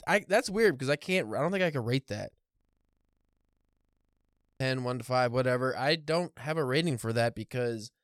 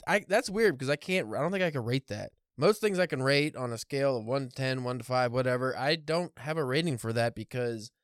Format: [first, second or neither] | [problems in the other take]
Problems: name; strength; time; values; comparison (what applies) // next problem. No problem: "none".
second | audio freezing; at 2.5 s for 2 s